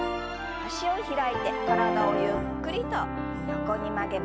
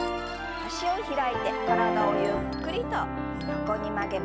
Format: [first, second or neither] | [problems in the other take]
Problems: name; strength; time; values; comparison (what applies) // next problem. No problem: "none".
first | background sound (Wind instrument, woodwind instrument + Chink, clink); 19 dB below the speech